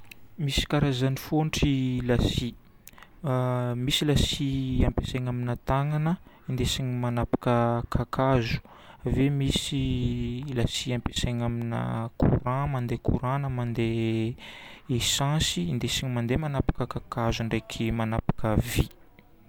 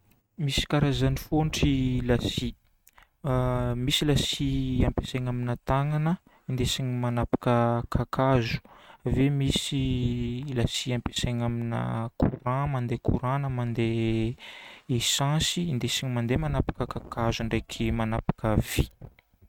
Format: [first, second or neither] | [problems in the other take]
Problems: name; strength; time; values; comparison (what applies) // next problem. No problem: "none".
first | noise reduction (neural mask model RNNoise)